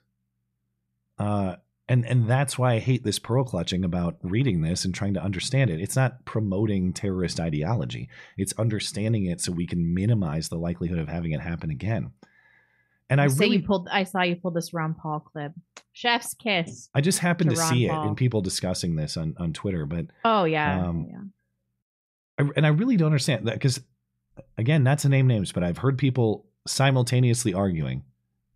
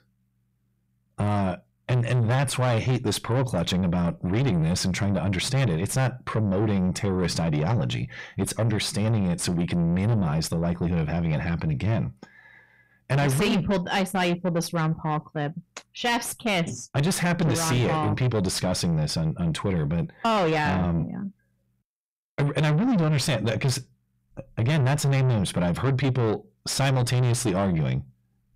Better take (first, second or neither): first